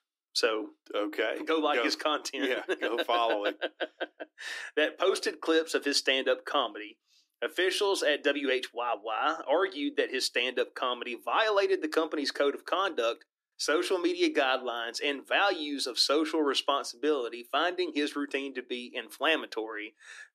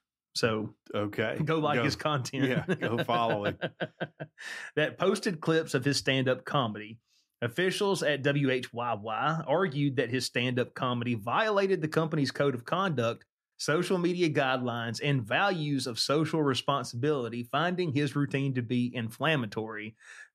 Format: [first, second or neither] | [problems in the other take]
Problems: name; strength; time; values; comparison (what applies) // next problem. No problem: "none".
second | thin; somewhat; fading below 300 Hz